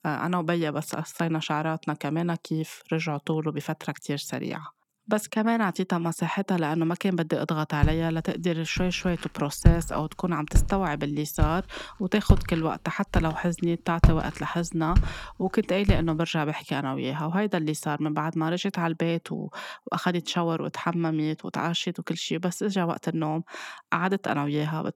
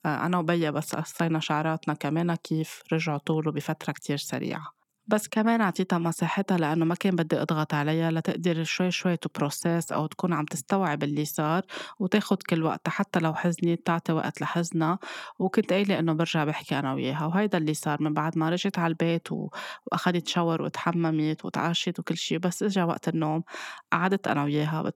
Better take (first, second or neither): second